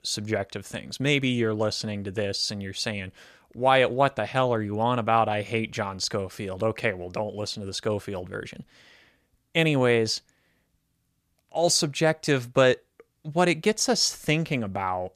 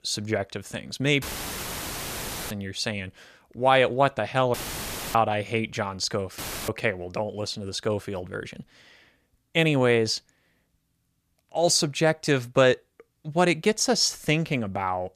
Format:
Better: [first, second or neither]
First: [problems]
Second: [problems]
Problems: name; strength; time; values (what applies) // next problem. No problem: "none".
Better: first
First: none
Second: audio cutting out; filled with static; at 1 s for 1.5 s, at 4.5 s for 0.5 s and at 6.5 s